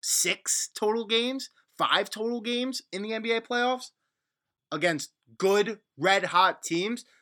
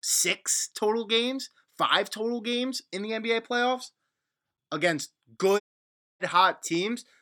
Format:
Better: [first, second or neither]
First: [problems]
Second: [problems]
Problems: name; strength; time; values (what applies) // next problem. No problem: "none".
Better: first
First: none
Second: audio cutting out; at 5.5 s for 0.5 s